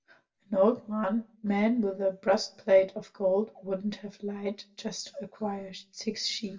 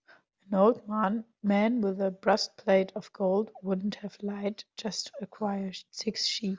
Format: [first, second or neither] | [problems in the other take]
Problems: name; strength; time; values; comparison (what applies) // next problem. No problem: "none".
second | room echo; dies away in 0.1 s